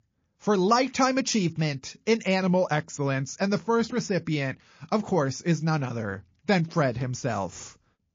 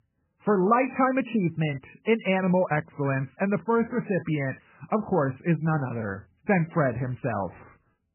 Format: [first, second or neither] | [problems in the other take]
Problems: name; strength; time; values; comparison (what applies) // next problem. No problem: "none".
first | garbled, watery; badly; nothing above 3 kHz; slightly in the first